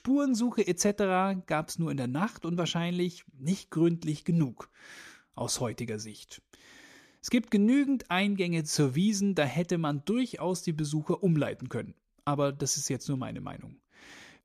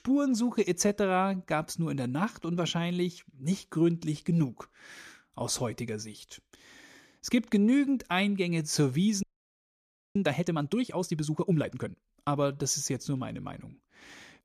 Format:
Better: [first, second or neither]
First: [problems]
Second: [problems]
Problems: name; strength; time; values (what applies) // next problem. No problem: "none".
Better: first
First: none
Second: audio freezing; at 9 s for 1 s